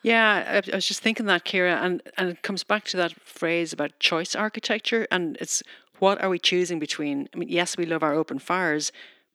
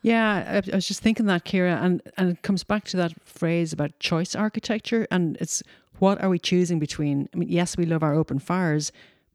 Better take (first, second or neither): second